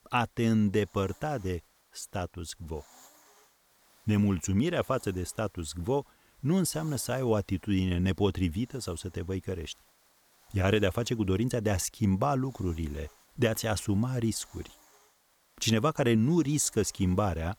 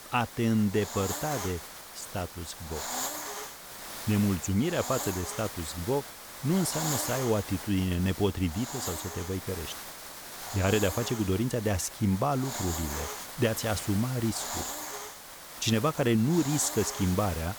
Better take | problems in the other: first | hiss; loud; throughout; 7 dB below the speech; faint in the first

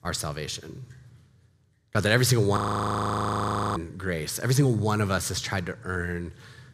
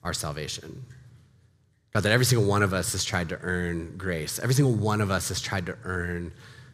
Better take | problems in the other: second | audio freezing; at 2.5 s for 1 s

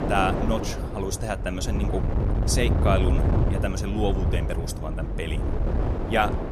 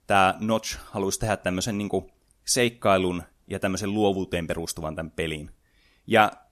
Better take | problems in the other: second | wind noise on the microphone; heavy; 5 dB below the speech

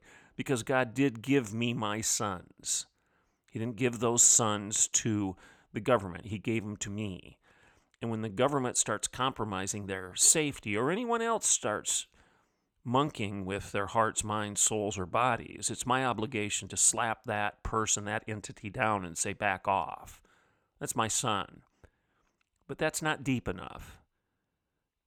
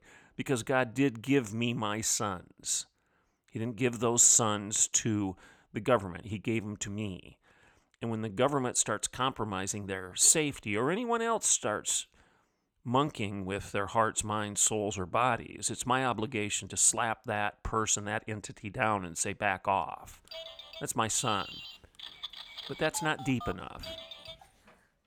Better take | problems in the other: first | phone ringing; faint; from 20 to 24 s; peak 10 dB below the speech

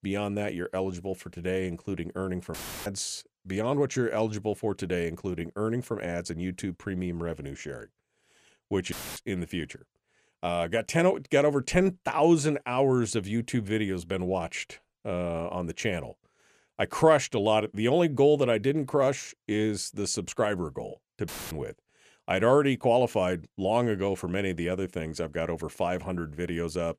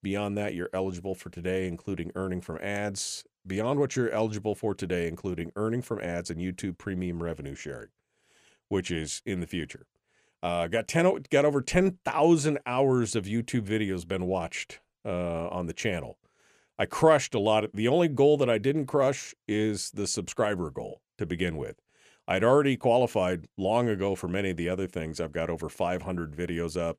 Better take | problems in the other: second | audio cutting out; filled with static; at 2.5 s, at 9 s and at 21 s

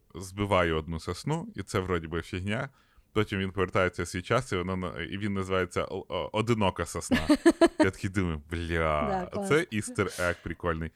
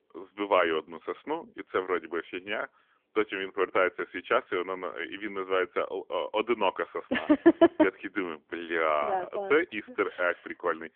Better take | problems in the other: first | phone-call audio; nothing above 3 kHz

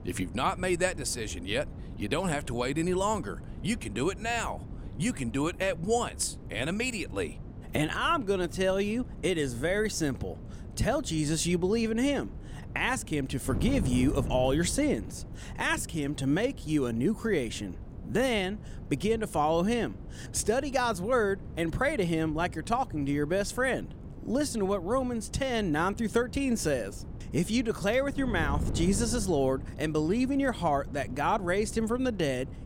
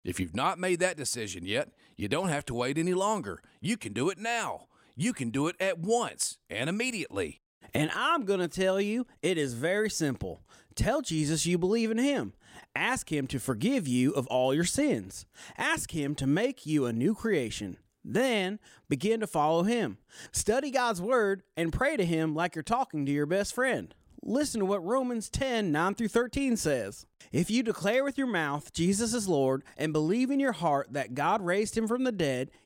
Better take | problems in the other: second | wind noise on the microphone; occasional gusts; 20 dB below the speech

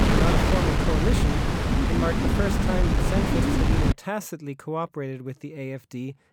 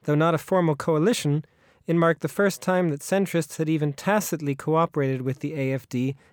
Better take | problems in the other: second | wind noise on the microphone; heavy; until 4 s; 4 dB above the speech

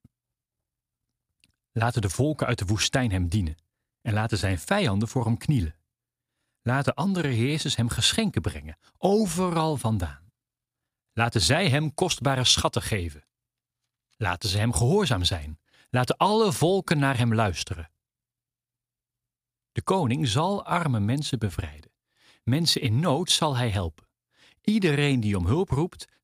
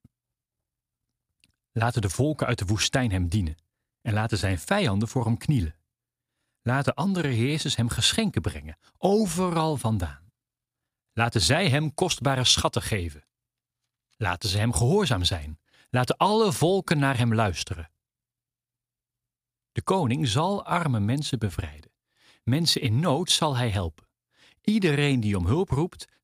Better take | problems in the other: neither | none

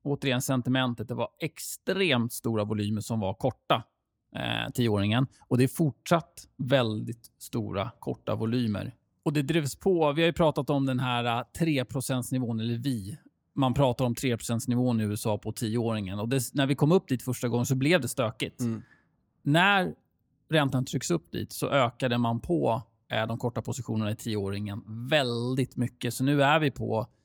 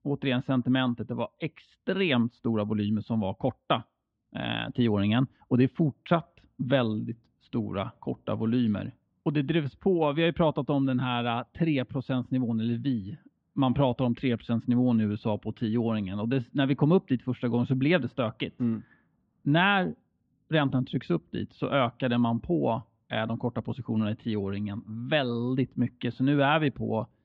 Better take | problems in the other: first | muffled; very; fading above 3.5 kHz

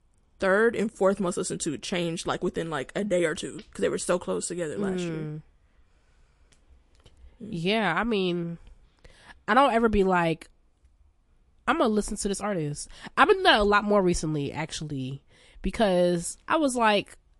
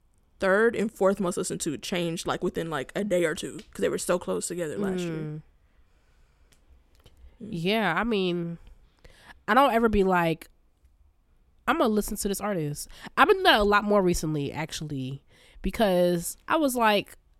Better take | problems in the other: second | garbled, watery; slightly; nothing above 11 kHz

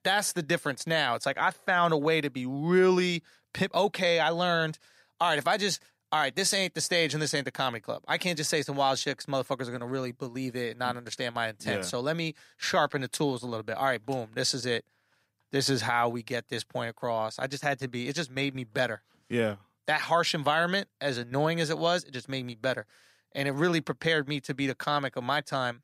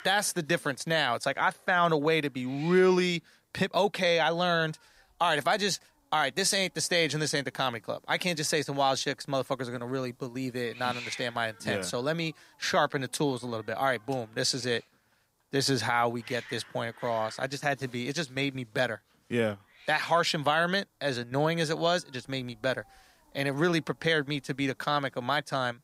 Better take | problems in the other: first | hiss; noticeable; throughout; 20 dB below the speech

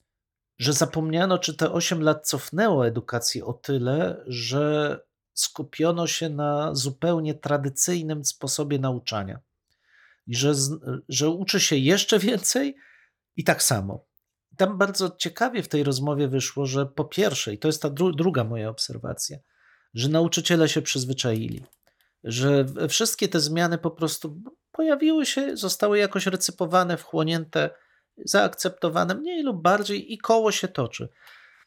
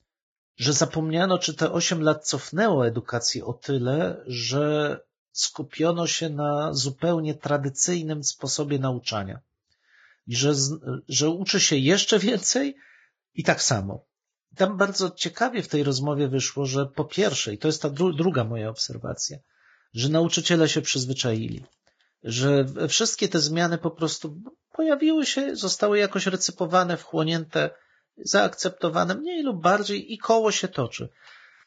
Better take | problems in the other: first | garbled, watery; badly; nothing above 7.5 kHz

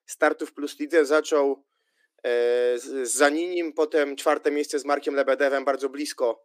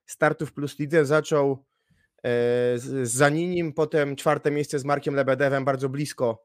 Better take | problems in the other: second | thin; very slightly; fading below 300 Hz

